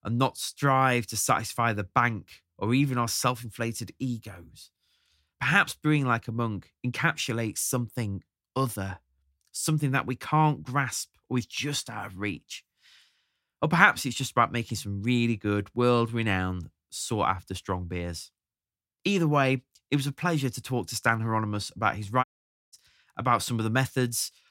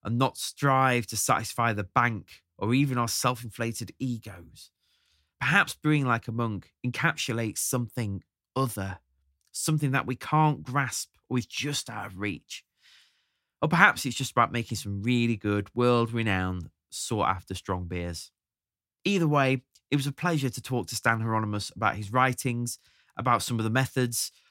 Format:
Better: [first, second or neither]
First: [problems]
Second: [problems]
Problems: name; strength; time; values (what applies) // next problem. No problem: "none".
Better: second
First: audio cutting out; at 22 s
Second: none